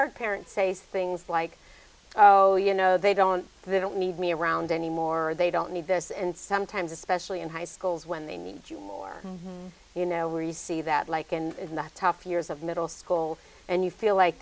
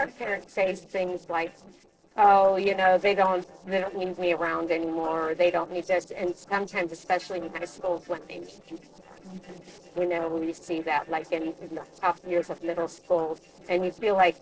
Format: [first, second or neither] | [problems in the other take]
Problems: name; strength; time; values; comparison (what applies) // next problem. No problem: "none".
first | noise reduction (neural separator model SepFormer DNS4)